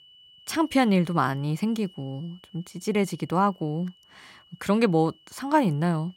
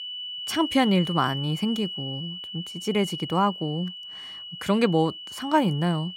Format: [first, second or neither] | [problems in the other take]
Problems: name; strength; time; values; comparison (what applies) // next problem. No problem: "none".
first | high-pitched whine; loud; throughout; 3 kHz, 9 dB below the speech; faint in the first